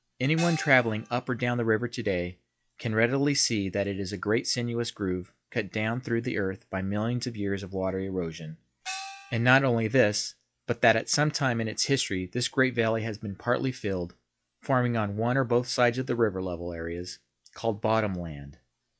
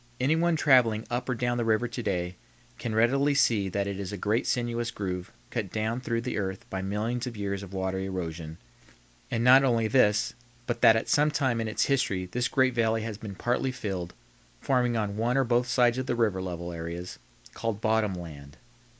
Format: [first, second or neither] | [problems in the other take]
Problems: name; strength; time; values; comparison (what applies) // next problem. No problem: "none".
second | noise reduction (classical method log-MMSE)